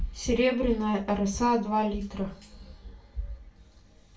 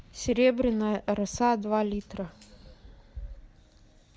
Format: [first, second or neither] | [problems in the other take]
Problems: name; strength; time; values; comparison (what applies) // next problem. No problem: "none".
second | room echo; dies away in 0.3 s